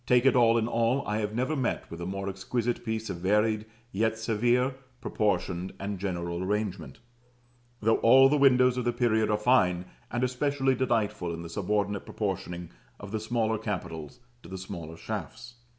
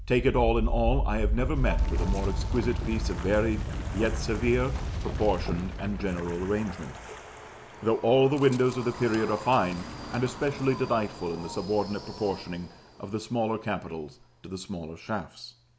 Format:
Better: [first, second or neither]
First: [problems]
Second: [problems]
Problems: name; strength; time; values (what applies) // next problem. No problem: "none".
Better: first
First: none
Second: background sound (Wind); 4 dB below the speech